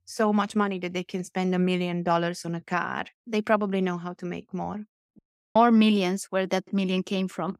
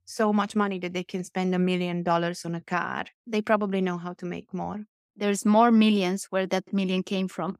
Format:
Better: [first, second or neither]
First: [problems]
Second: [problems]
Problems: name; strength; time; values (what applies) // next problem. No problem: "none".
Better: second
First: audio cutting out; at 5 s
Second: none